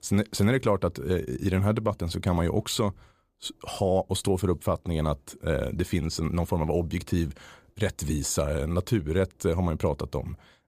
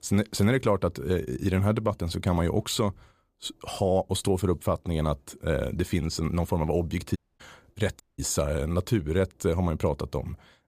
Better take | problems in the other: first | audio cutting out; at 7 s and at 8 s

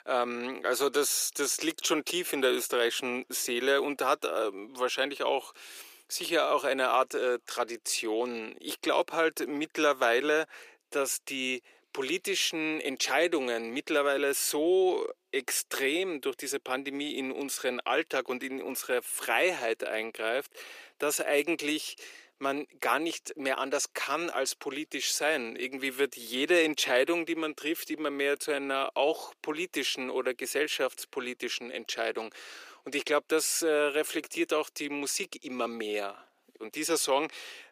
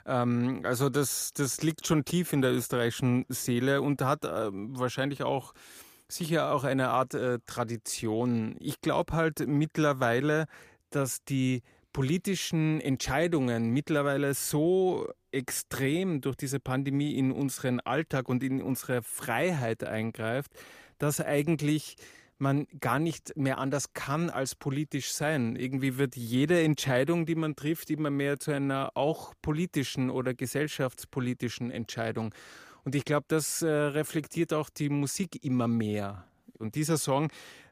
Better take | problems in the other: second | thin; somewhat; fading below 350 Hz

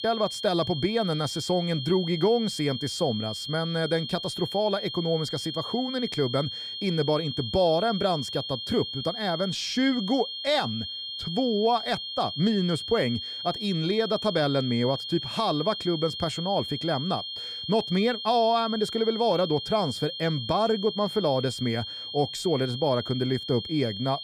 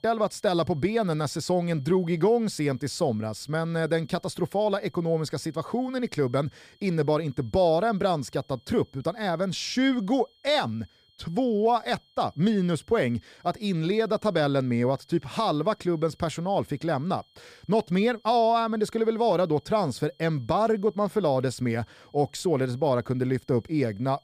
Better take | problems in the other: second | high-pitched whine; loud; throughout; 3 kHz, 6 dB below the speech; faint in the second

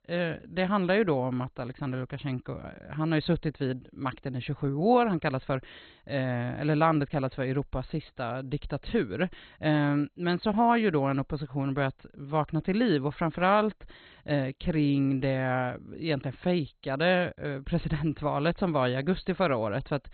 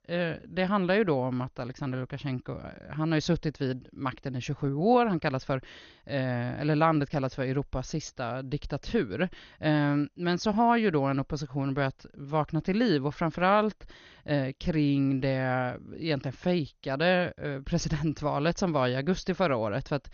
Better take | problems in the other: second | garbled, watery; badly; nothing above 4 kHz; slightly in the second

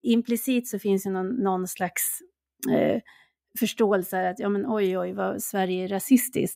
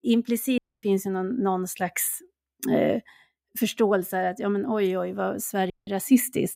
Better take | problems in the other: first | audio cutting out; at 0.5 s and at 5.5 s

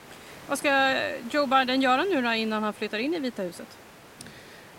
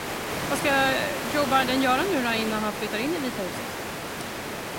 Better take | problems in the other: first | hiss; loud; throughout; 5 dB below the speech; faint in the first

